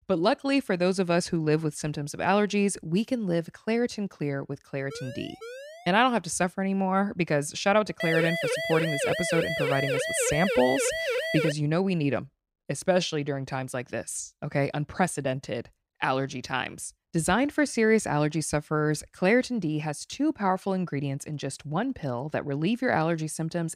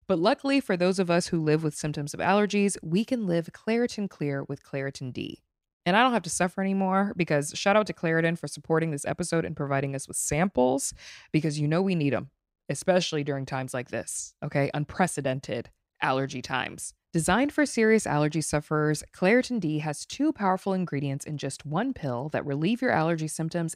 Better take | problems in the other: second | siren; faint; from 5 to 6 s; peak 15 dB below the speech // siren; noticeable; from 8 to 12 s; peak level with the speech

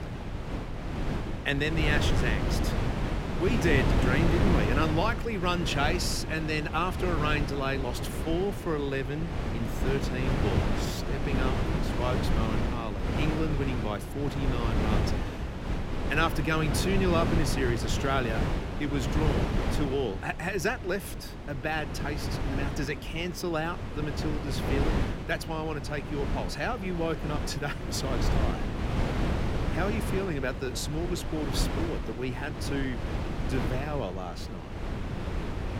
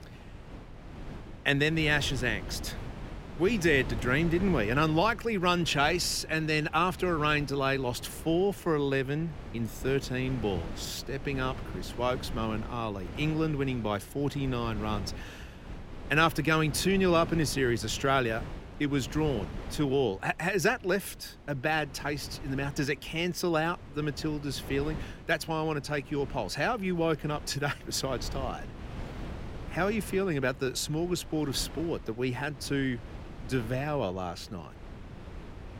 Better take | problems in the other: second | wind noise on the microphone; heavy; 4 dB below the speech; occasional gusts in the second

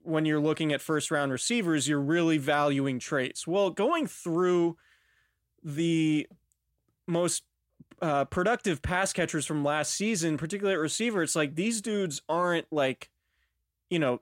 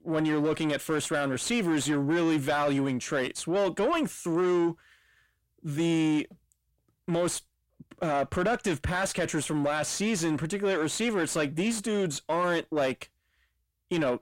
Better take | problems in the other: first | distortion; slight; 10 dB below the speech

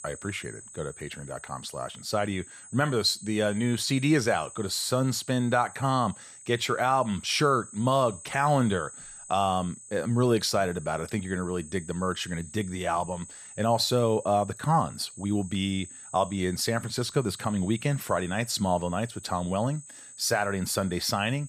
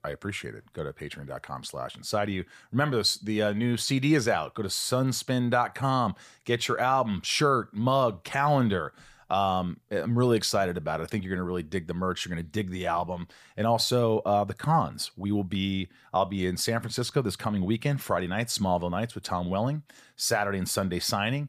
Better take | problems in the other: second | high-pitched whine; noticeable; throughout; 8 kHz, 15 dB below the speech

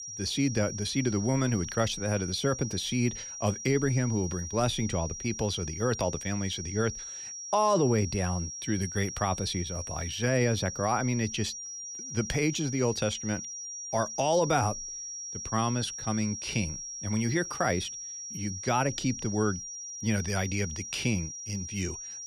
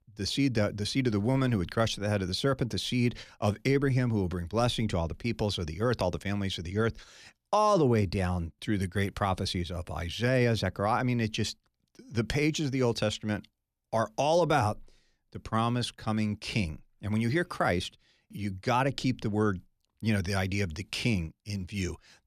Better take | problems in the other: second | high-pitched whine; loud; throughout; 5.5 kHz, 7 dB below the speech

